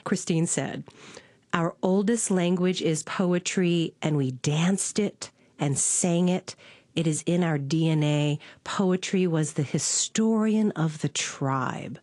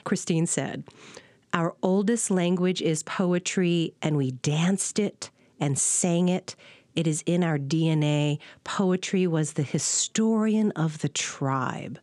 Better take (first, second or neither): second